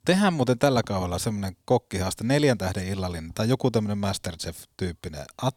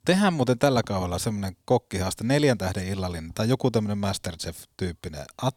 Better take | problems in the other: neither | none

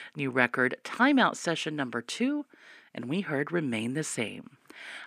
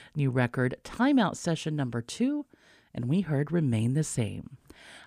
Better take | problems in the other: second | thin; somewhat; fading below 300 Hz

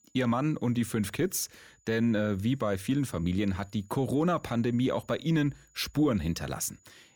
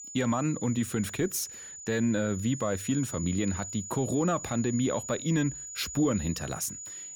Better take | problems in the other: first | high-pitched whine; loud; throughout; 7 kHz, 9 dB below the speech; faint in the first

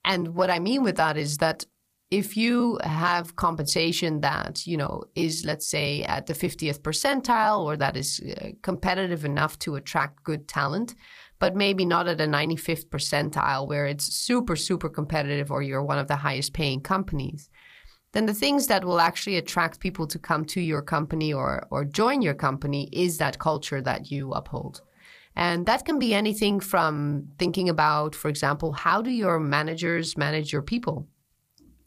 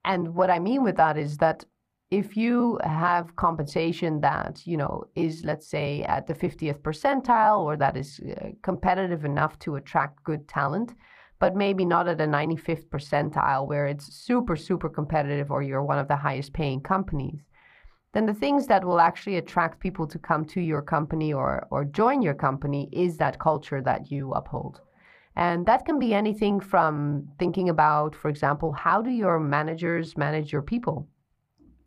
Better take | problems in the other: first | muffled; very; fading above 3 kHz

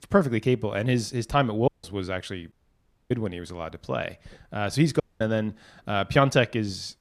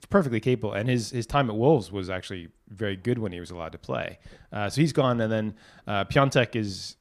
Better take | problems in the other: second | audio cutting out; at 1.5 s, at 2.5 s for 0.5 s and at 5 s

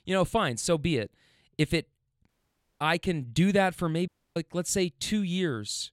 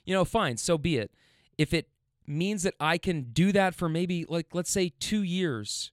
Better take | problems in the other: second | audio cutting out; at 2.5 s for 0.5 s and at 4 s

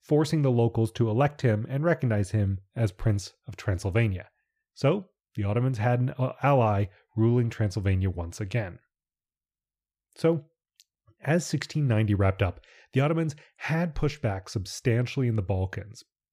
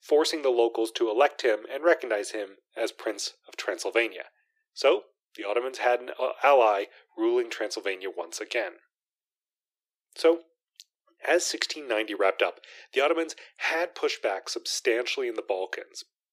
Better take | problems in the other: first | thin; very; fading below 350 Hz

